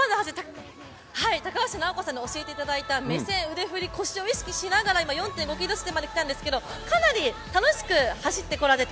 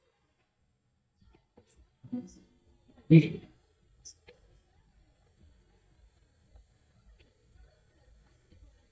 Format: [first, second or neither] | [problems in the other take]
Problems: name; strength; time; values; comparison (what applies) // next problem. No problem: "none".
first | noise reduction (neural mask model DeepFilterNet 3)